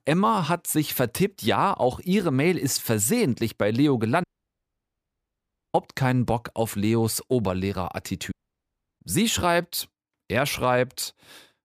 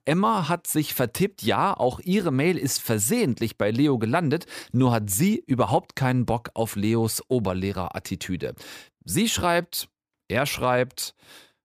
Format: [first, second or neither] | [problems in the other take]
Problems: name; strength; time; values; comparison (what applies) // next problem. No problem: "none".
second | audio cutting out; at 4 s for 1.5 s and at 8.5 s for 0.5 s